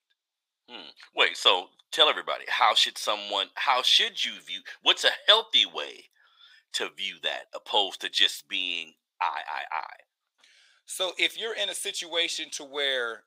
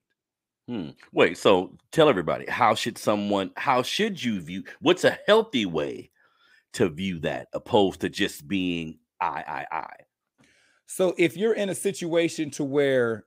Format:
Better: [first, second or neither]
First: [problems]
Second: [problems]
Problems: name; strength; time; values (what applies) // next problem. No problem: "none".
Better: second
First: thin; very; fading below 850 Hz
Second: none